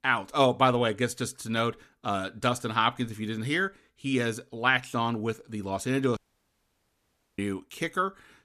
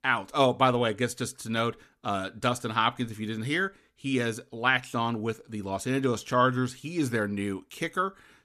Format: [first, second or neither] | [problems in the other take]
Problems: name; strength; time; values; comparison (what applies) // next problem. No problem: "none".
second | audio cutting out; at 6 s for 1 s